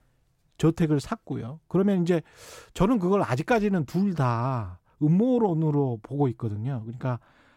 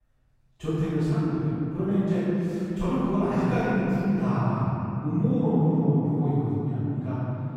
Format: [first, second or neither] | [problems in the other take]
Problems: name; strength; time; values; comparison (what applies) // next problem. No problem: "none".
first | off-mic speech; far // room echo; strong; dies away in 3 s